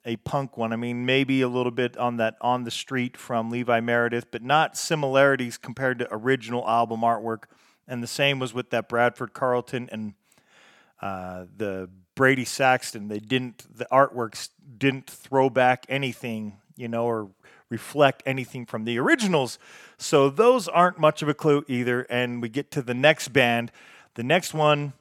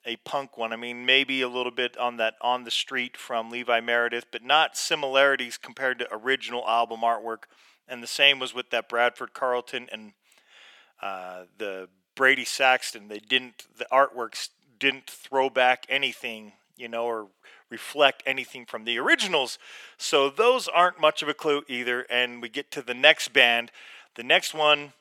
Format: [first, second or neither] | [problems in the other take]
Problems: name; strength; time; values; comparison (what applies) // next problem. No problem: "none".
first | thin; somewhat; fading below 400 Hz